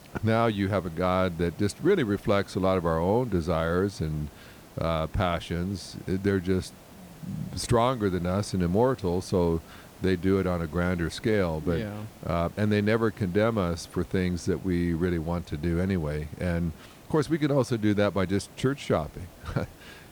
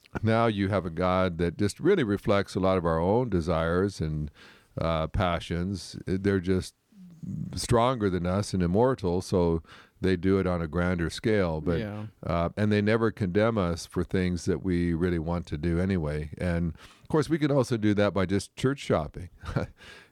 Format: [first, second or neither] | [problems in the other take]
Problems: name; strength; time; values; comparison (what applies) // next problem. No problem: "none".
second | hiss; faint; throughout; 20 dB below the speech